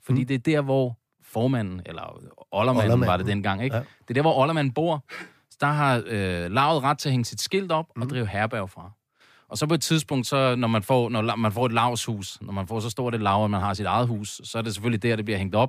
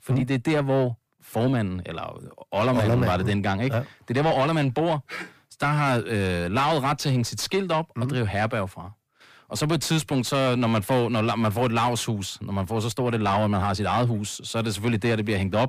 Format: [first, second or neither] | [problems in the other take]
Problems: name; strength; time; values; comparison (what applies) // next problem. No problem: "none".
first | distortion; slight; 10 dB below the speech